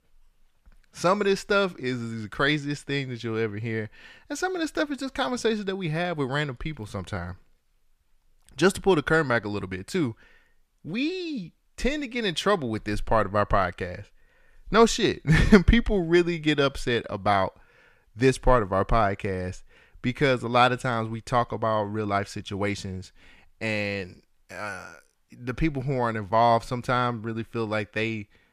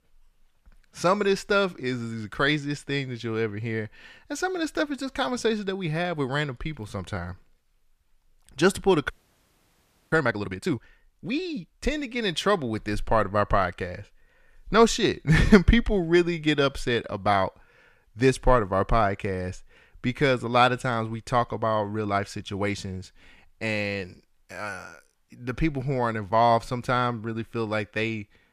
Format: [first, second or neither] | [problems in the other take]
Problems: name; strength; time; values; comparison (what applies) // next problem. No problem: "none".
first | audio freezing; at 9 s for 1 s